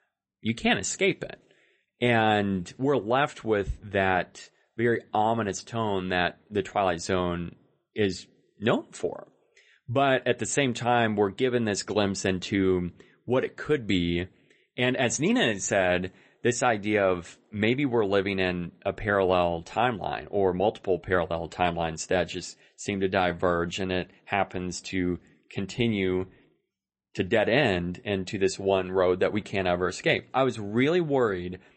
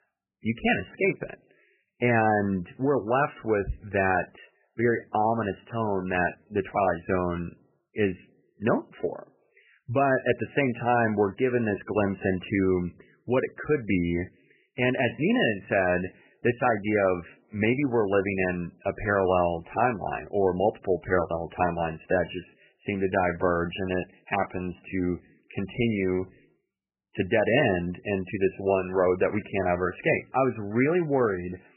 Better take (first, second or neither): first